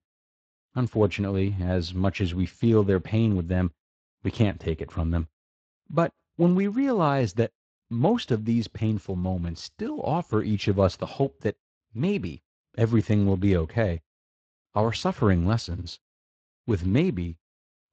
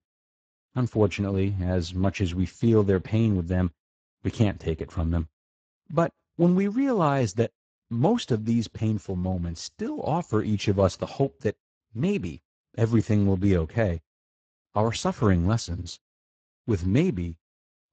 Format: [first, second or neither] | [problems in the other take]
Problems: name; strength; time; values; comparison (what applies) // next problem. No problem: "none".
first | garbled, watery; badly; nothing above 8 kHz; slightly in the first